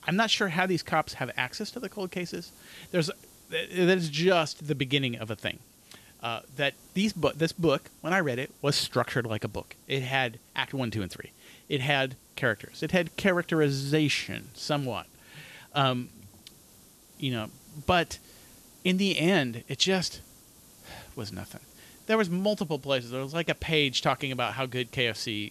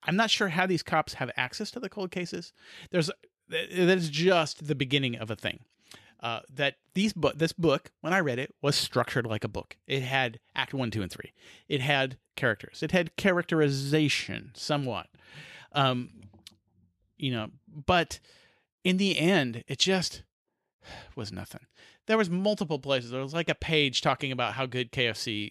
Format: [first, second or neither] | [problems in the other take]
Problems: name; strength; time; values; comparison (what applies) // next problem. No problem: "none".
second | hiss; faint; throughout; 25 dB below the speech